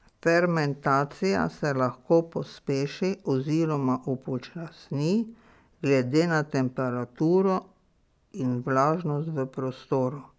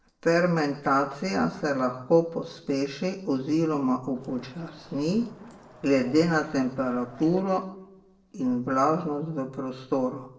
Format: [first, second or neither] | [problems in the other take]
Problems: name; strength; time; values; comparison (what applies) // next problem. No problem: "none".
first | noise reduction (neural separator model SepFormer DNS4)